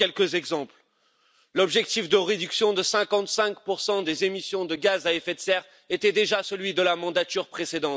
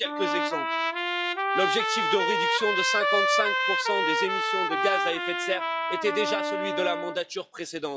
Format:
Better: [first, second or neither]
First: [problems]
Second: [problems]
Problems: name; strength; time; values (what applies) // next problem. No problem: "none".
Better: first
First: none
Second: noise reduction (classical method log-MMSE)